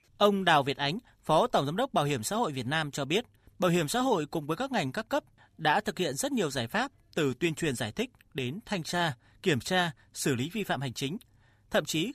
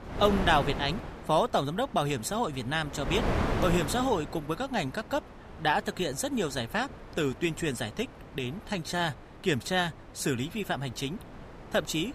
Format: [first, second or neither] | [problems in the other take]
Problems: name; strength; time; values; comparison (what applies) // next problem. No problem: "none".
first | wind noise on the microphone; heavy; 10 dB below the speech